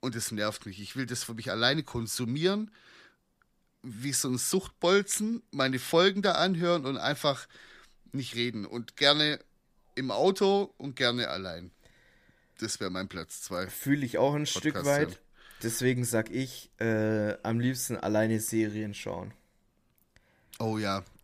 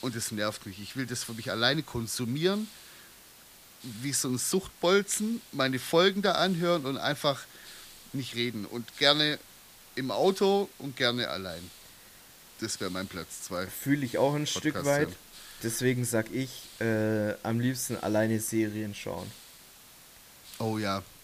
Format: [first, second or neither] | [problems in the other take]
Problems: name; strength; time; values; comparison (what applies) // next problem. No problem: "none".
first | hiss; noticeable; throughout; 20 dB below the speech